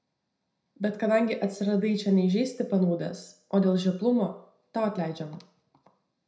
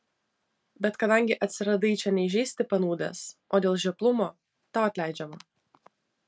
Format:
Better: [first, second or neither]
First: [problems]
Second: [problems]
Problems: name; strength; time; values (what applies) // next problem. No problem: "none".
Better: second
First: room echo; dies away in 0.5 s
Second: none